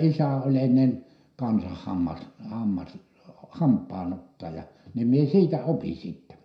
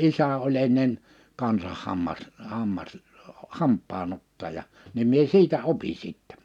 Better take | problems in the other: second | room echo; dies away in 0.5 s

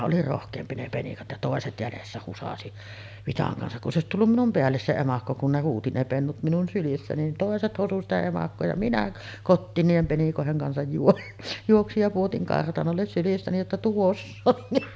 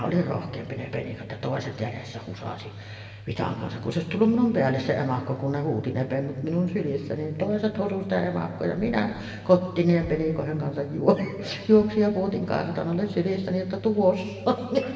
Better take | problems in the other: first | room echo; dies away in 1.4 s

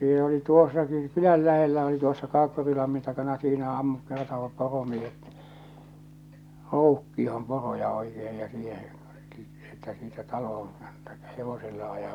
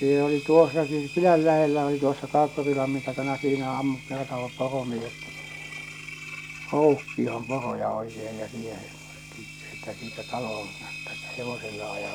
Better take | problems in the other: first | background sound (Engine); 14 dB below the speech

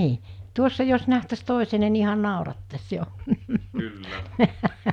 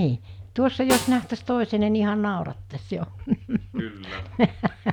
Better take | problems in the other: first | background sound (Snare drum); 10 dB below the speech

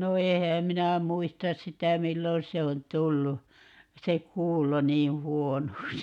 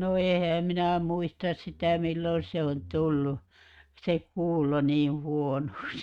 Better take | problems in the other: first | noise reduction (neural mask model RNNoise)

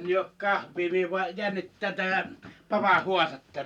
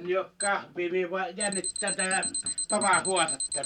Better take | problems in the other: first | background sound (Alarm); 4 dB below the speech

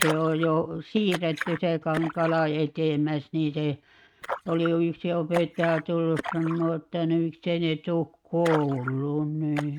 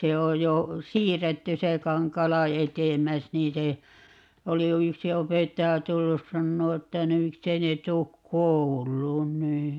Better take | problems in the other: second | noise reduction (neural mask model RNNoise)

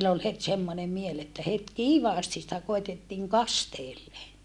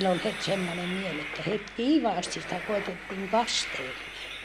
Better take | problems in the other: first | background sound (Train); 8 dB below the speech

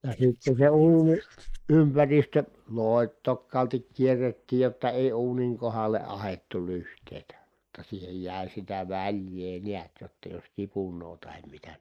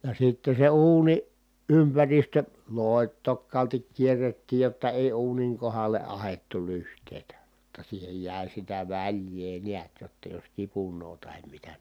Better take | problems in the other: second | noise reduction (neural mask model Resemble Enhance denoiser)

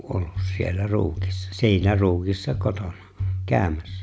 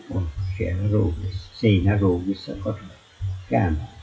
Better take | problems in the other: first | noise reduction (classical method WPE with log-MMSE)

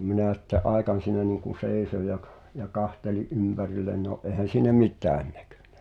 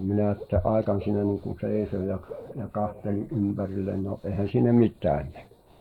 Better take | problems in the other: first | noise reduction (neural mask model Resemble Enhance denoiser)

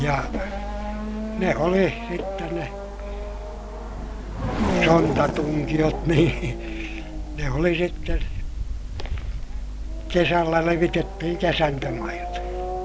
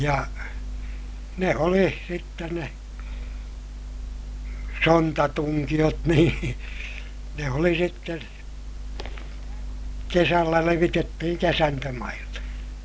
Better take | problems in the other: second | background sound (Race car, auto racing / Accelerating, revving, vroom); 5 dB below the speech

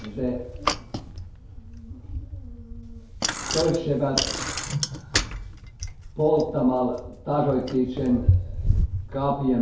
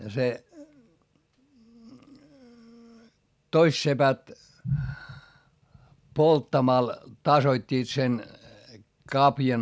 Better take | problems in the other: second | background sound (Bicycle); 2 dB below the speech // room echo; dies away in 2.3 s

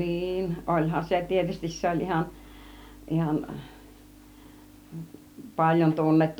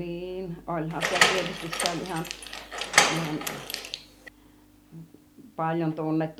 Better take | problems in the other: first | background sound (Door); 5 dB above the speech

